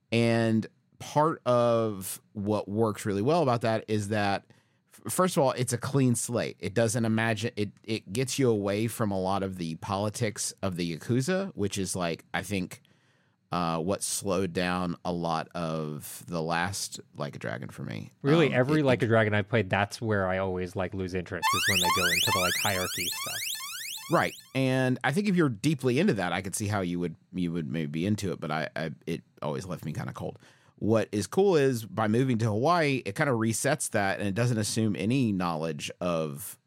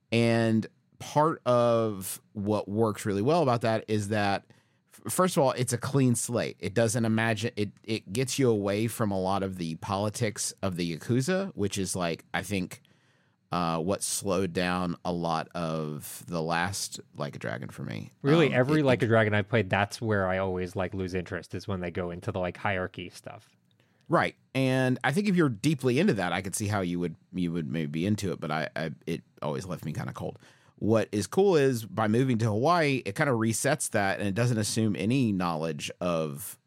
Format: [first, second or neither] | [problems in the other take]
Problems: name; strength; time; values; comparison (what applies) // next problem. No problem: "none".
second | alarm; loud; from 21 to 24 s; peak 5 dB above the speech